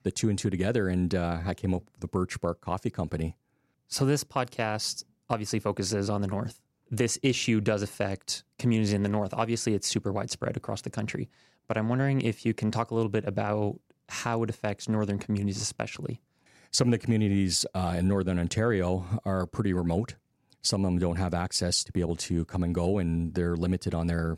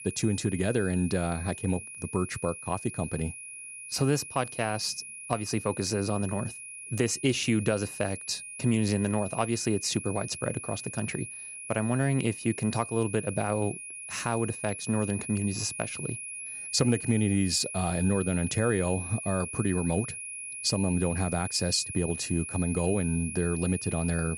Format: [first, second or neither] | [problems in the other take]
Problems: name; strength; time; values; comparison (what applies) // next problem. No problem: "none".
first | high-pitched whine; loud; throughout; 2.5 kHz, 8 dB below the speech